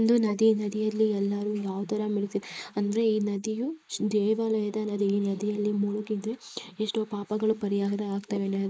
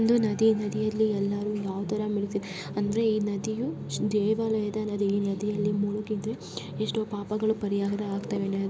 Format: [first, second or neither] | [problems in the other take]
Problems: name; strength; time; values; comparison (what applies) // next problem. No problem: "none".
second | noise reduction (neural mask model Resemble Enhance denoiser)